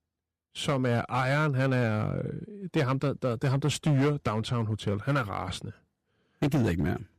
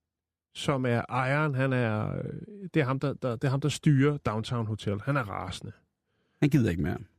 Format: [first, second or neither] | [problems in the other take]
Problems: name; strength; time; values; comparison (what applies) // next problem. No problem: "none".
second | distortion; slight; 8% of the sound clipped